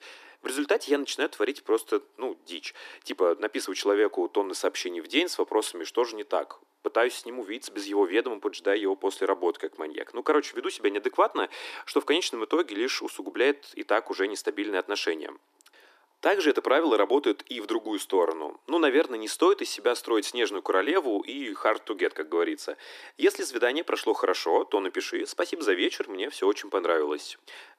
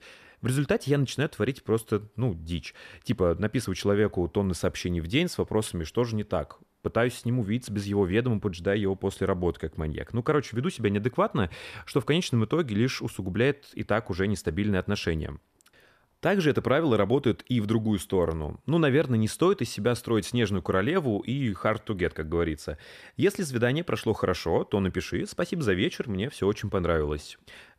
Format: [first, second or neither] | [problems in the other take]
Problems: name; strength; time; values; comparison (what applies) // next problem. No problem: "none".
second | thin; somewhat; fading below 300 Hz